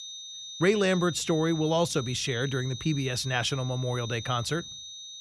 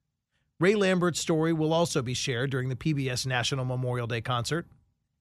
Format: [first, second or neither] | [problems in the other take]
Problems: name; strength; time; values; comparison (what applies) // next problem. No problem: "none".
second | high-pitched whine; noticeable; throughout; 3.5 kHz, 10 dB below the speech